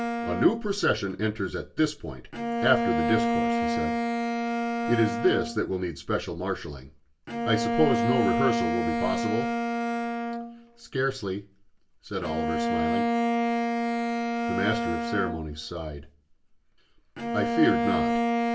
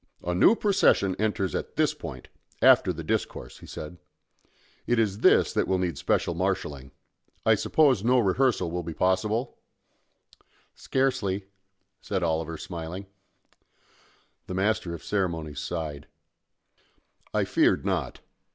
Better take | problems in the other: second | background sound (Bowed string instrument); 1 dB above the speech // room echo; dies away in 0.2 s

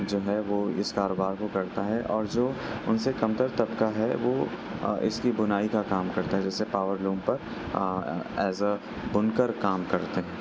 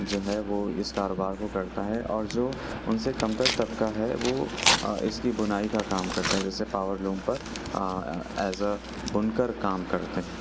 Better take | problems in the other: first | background sound (Tearing); 7 dB below the speech

